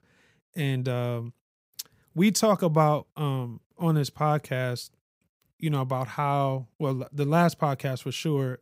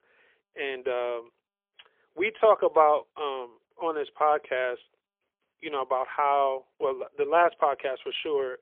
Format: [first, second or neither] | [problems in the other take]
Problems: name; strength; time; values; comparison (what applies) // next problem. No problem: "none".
first | phone-call audio; poor line; nothing above 3.5 kHz